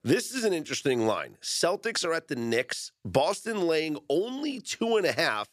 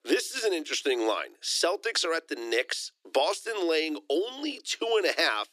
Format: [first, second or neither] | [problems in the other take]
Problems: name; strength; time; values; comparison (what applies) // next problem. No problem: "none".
first | thin; somewhat; fading below 300 Hz